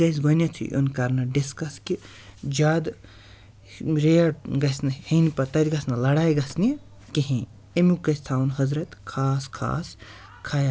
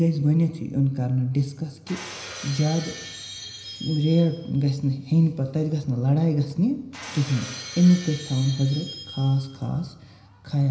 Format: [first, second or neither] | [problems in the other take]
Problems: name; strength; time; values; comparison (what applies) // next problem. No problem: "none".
first | background sound (Shatter); 17 dB below the speech // room echo; dies away in 0.9 s